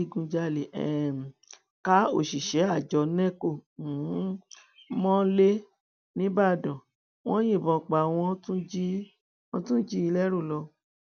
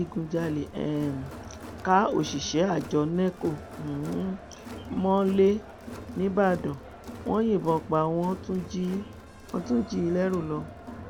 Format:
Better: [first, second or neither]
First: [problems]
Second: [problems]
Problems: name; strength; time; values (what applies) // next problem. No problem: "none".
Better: first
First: none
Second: background sound (Crowd); 14 dB below the speech